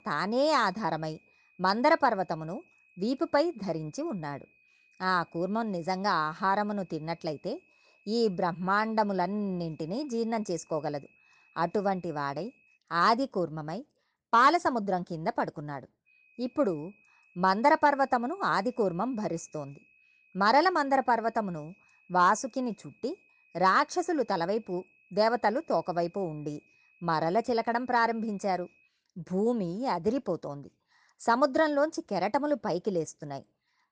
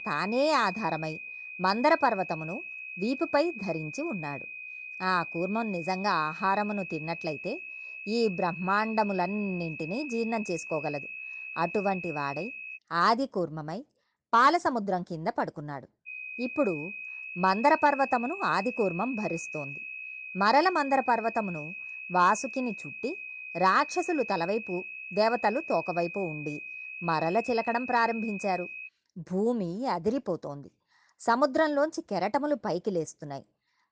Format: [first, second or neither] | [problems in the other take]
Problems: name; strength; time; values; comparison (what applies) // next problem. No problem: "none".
first | high-pitched whine; loud; until 13 s and from 16 to 29 s; 2.5 kHz, 10 dB below the speech; faint in the first